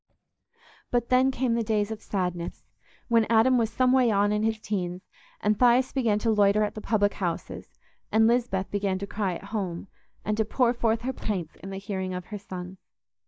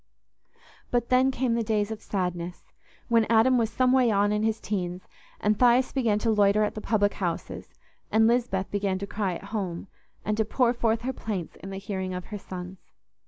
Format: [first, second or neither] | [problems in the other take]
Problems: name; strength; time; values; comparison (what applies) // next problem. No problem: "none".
second | noise reduction (neural mask model DeepFilterNet 3)